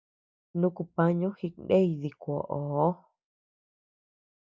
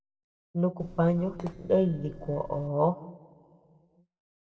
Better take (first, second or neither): first